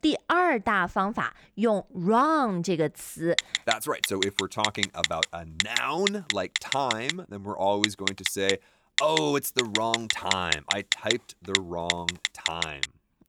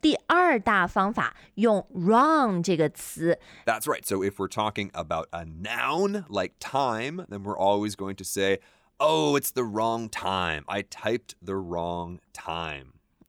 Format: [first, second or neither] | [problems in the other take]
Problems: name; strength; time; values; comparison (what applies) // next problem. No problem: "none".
second | phone ringing; loud; from 3.5 s on; peak 2 dB above the speech